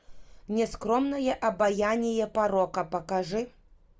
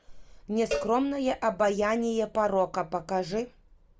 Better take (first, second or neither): first